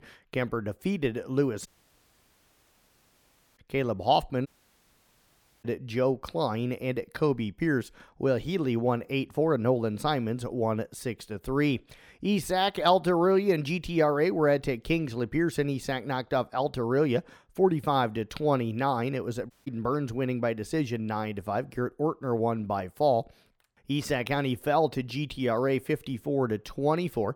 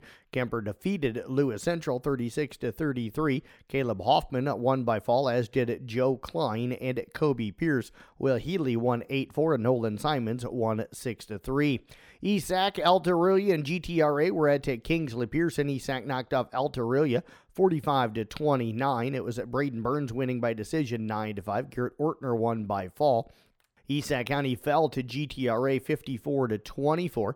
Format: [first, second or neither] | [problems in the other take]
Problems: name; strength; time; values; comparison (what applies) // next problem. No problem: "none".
second | audio cutting out; at 1.5 s for 2 s, at 4.5 s for 1 s and at 20 s